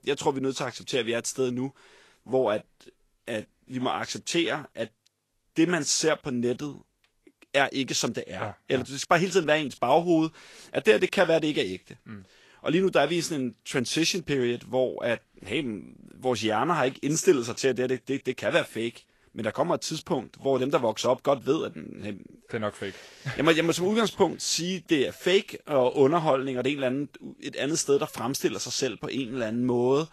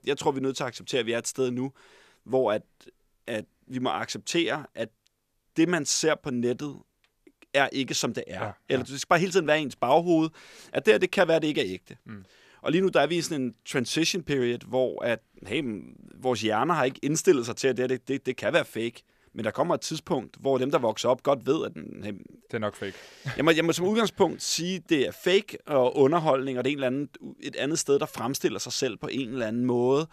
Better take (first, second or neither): second